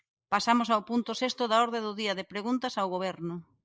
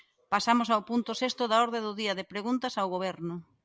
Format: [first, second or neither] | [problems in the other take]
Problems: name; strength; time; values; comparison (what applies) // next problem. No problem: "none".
second | noise reduction (neural mask model Resemble Enhance denoiser)